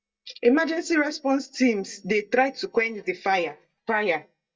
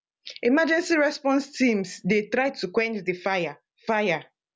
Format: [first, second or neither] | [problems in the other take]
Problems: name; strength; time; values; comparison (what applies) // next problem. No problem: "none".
second | noise reduction (neural mask model DeepFilterNet 3)